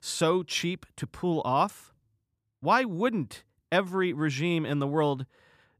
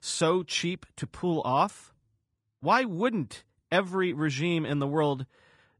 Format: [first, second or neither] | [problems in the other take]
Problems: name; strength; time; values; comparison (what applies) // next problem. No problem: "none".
first | garbled, watery; slightly